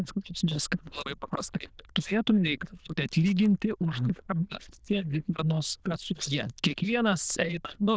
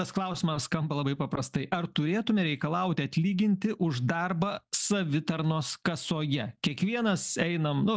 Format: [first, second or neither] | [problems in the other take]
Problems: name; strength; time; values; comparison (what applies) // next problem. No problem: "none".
second | noise reduction (neural diffusion model UNIVERSE++)